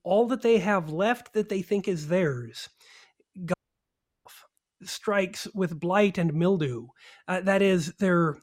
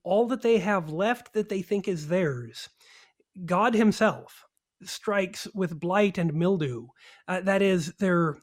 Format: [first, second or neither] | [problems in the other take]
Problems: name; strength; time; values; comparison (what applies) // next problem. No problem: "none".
second | audio cutting out; at 3.5 s for 0.5 s